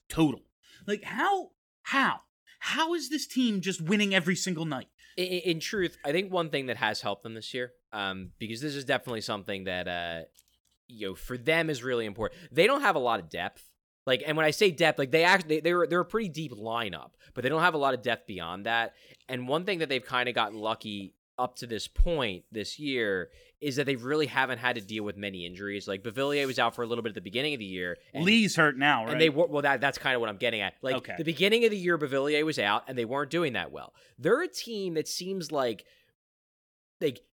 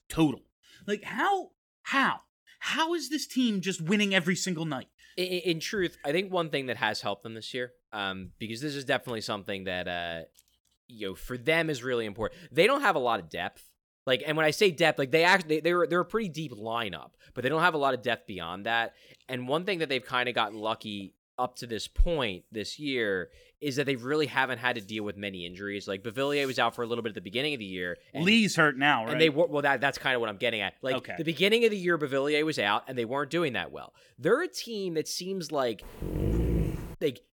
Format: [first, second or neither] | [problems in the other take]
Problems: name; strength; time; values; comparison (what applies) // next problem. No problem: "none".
first | dog barking; loud; from 36 s on; peak level with the speech